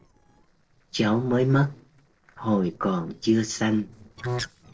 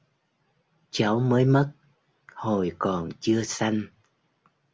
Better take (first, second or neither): second